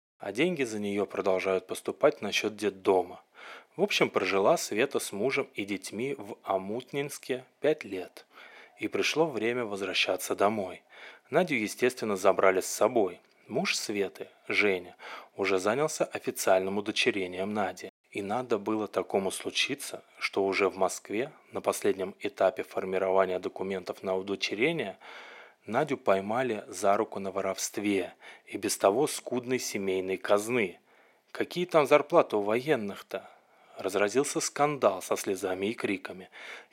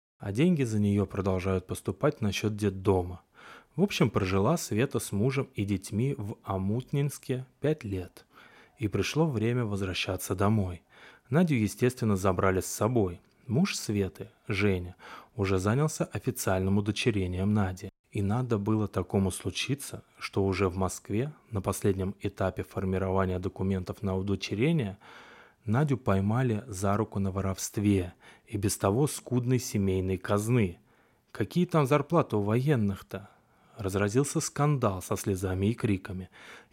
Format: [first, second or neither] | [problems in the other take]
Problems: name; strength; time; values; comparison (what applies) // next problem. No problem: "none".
second | thin; somewhat; fading below 350 Hz